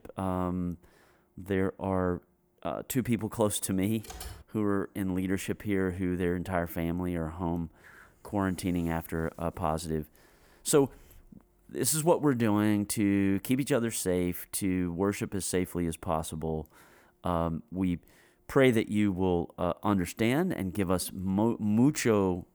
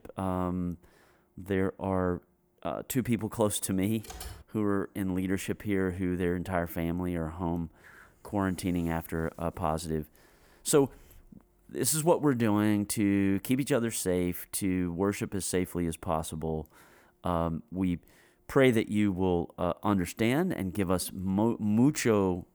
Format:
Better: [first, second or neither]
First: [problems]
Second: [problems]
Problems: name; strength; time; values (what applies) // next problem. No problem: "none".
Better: neither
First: keyboard typing; faint; at 4 s; peak 15 dB below the speech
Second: keyboard typing; faint; at 4 s; peak 15 dB below the speech